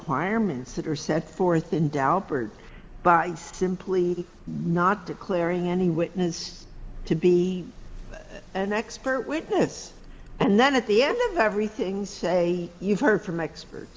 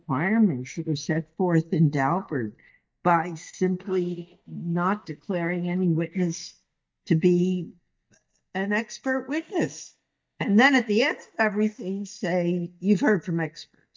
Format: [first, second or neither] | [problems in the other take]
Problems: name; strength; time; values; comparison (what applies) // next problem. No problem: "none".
first | noise reduction (neural mask model DeepFilterNet 3)